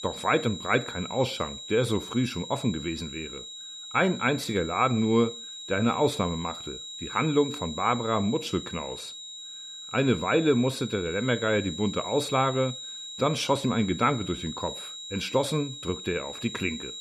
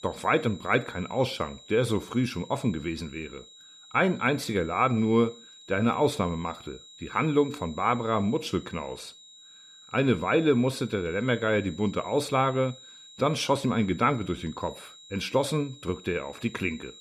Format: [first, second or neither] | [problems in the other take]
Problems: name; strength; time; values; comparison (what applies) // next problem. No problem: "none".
second | high-pitched whine; loud; throughout; 4 kHz, 10 dB below the speech; faint in the second